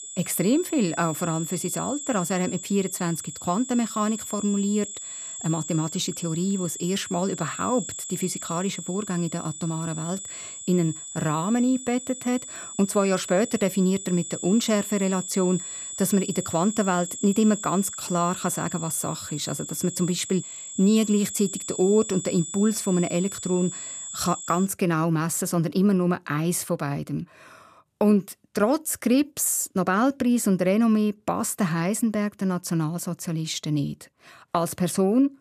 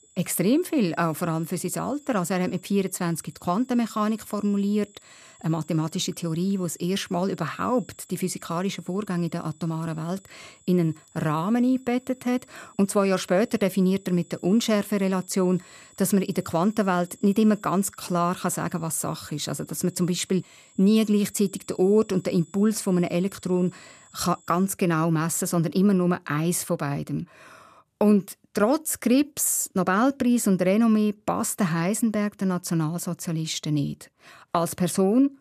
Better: second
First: high-pitched whine; loud; until 25 s; 7.5 kHz, 8 dB below the speech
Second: high-pitched whine; faint; until 25 s; 7.5 kHz, 30 dB below the speech

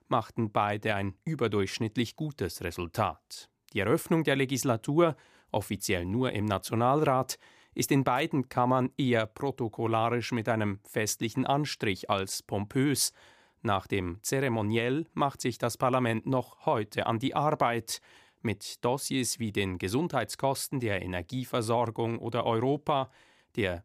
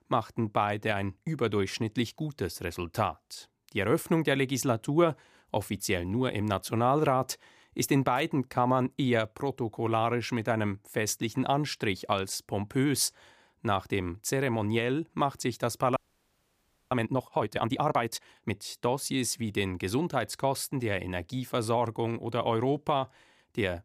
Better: first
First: none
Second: audio freezing; at 16 s for 1 s

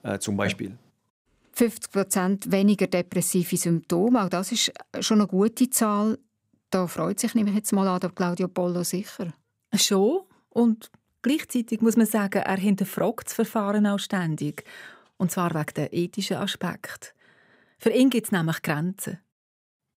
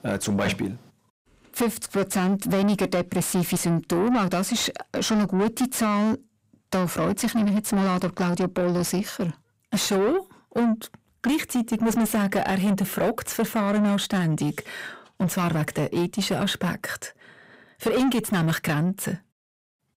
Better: first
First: none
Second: distortion; heavy; 7 dB below the speech

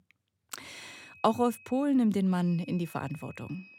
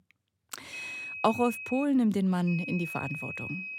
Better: first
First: high-pitched whine; faint; from 0.5 to 2 s and from 2.5 s on; 2.5 kHz, 25 dB below the speech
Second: high-pitched whine; loud; from 0.5 to 2 s and from 2.5 s on; 2.5 kHz, 8 dB below the speech

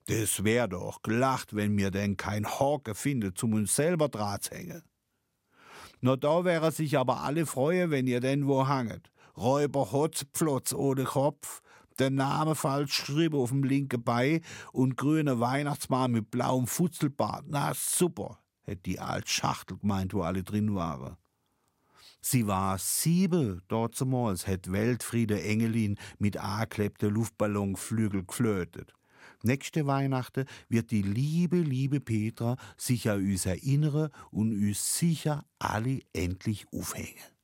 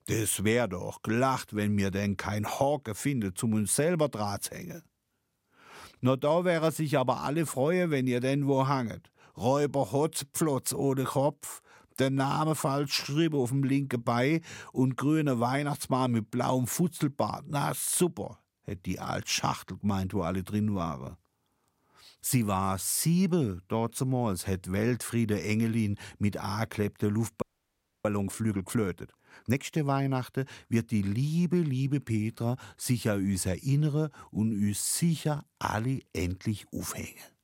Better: first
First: none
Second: audio freezing; at 27 s for 0.5 s

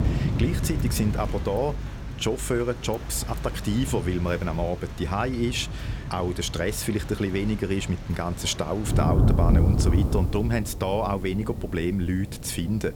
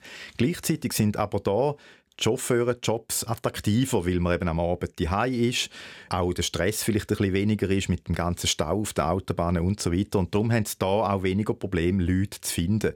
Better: second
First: rain or running water; loud; throughout; 2 dB below the speech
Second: none

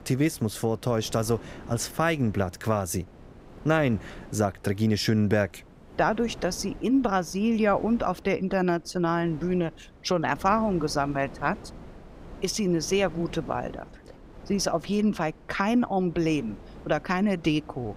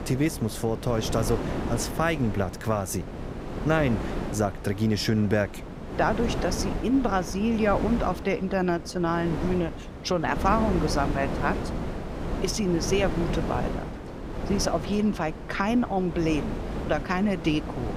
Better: first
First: wind noise on the microphone; occasional gusts; 20 dB below the speech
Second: wind noise on the microphone; heavy; 8 dB below the speech

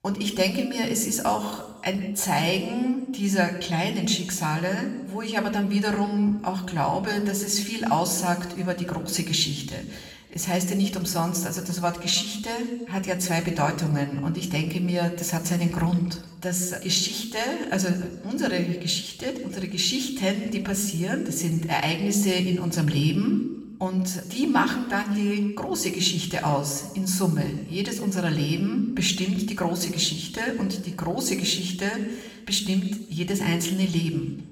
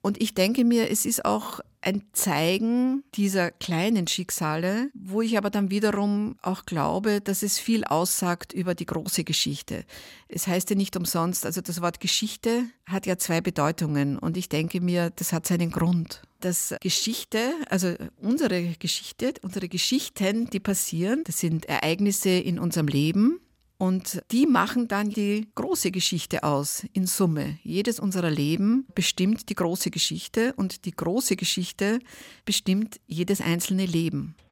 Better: second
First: room echo; slight; dies away in 1 s // off-mic speech; somewhat distant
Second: none

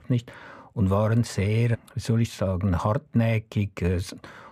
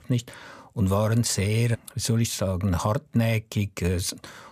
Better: second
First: muffled; slightly; fading above 3.5 kHz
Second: none

